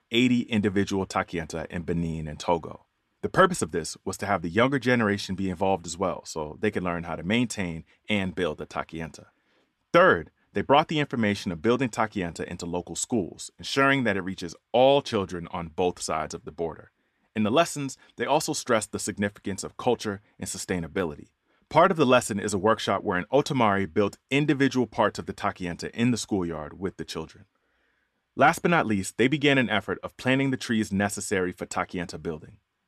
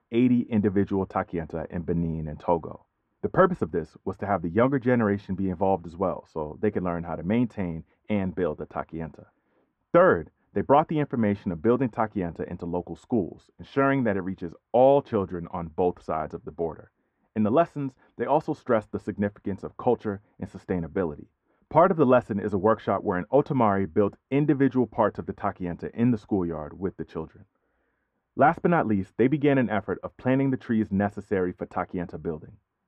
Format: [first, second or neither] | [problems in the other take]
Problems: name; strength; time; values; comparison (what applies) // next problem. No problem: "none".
first | muffled; very; fading above 3 kHz